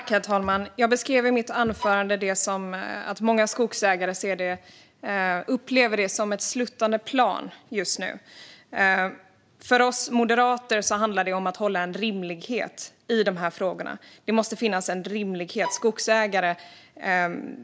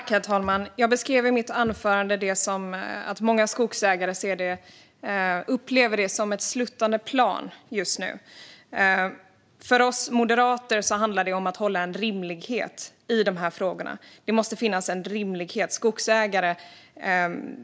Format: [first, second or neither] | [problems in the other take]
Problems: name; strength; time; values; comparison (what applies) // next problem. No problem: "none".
second | background sound (Bowed string instrument); 11 dB below the speech